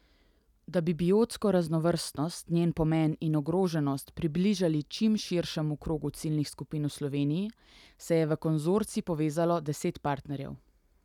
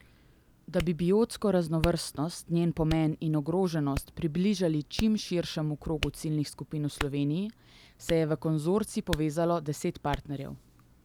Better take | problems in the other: first | background sound (Hands); 13 dB below the speech

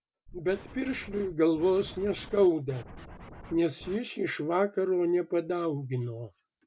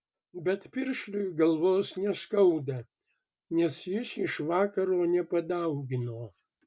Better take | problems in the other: second | background sound (Scratching (performance technique)); 17 dB below the speech

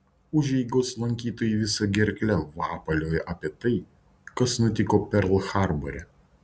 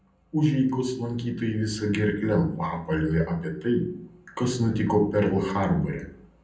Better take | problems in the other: first | room echo; dies away in 0.6 s

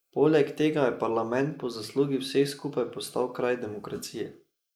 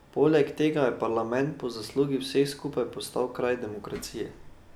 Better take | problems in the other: second | noise reduction (neural mask model Resemble Enhance denoiser)

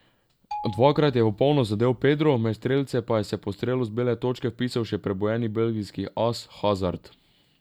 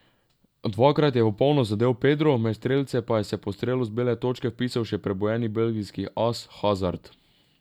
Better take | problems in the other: second | background sound (Marimba, xylophone); 16 dB below the speech

